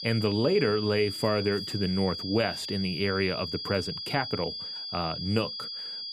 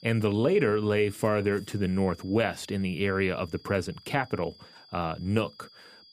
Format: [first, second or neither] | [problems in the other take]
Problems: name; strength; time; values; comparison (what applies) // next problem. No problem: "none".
second | high-pitched whine; loud; throughout; 5 kHz, 5 dB below the speech; faint in the second